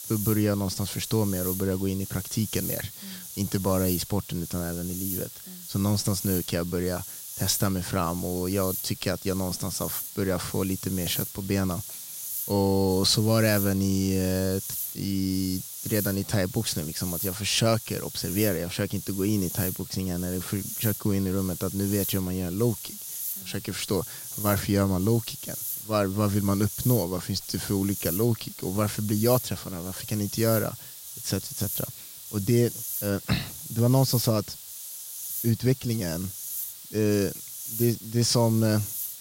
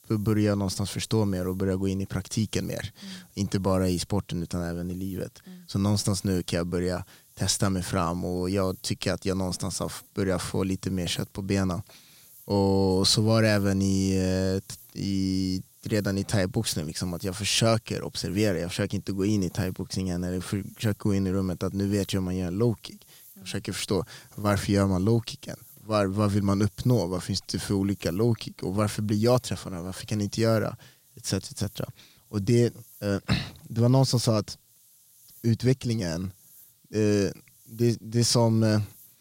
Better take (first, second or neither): second